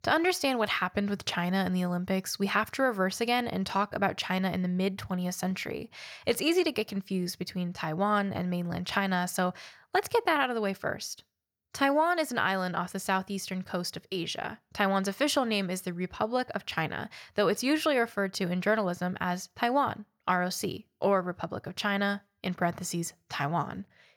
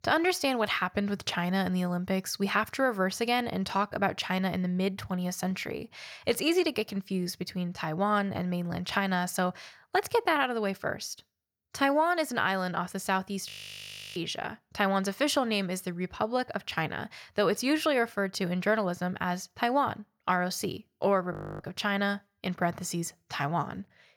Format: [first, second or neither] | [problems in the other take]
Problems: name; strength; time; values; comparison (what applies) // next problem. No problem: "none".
first | audio freezing; at 13 s for 0.5 s and at 21 s